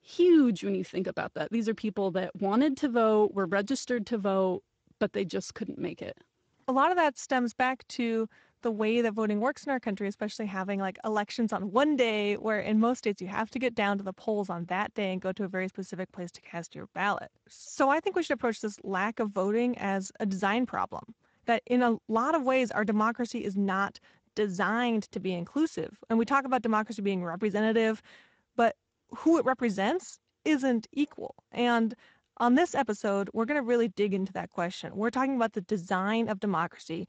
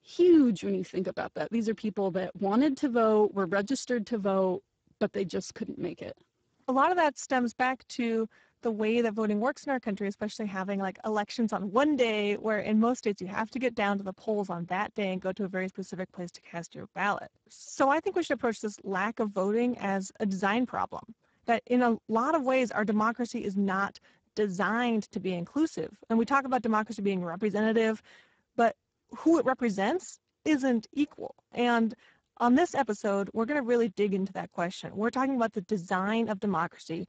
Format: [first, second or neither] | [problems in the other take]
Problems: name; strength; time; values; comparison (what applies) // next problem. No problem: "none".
first | garbled, watery; badly; nothing above 7.5 kHz; slightly in the first